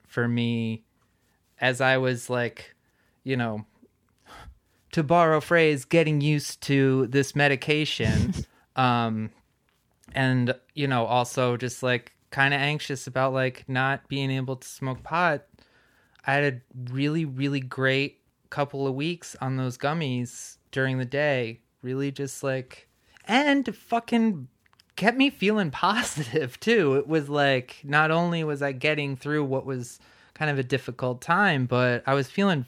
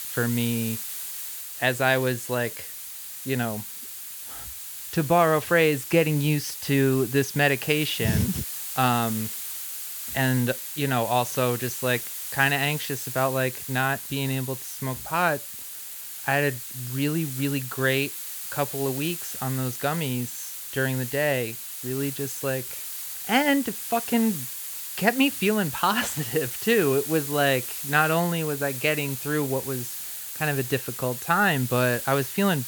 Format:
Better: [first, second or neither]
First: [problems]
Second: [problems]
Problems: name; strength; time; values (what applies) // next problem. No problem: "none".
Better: first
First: none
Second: hiss; loud; throughout; 7 dB below the speech